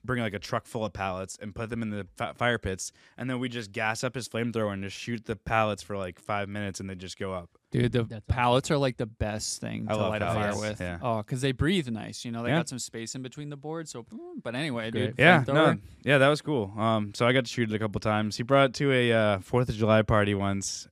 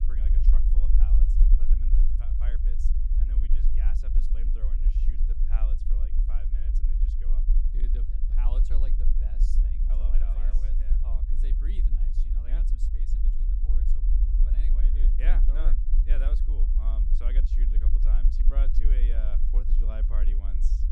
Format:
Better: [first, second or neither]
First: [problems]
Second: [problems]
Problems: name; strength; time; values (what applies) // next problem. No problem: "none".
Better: first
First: none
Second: low rumble; loud; throughout; 1 dB below the speech